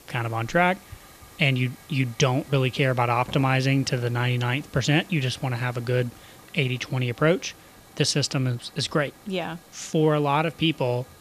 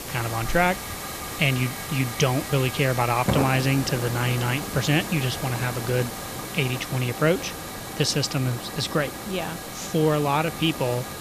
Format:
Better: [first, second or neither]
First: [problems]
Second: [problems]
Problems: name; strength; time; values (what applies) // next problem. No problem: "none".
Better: first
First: hiss; faint; throughout; 25 dB below the speech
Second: hiss; loud; throughout; 7 dB below the speech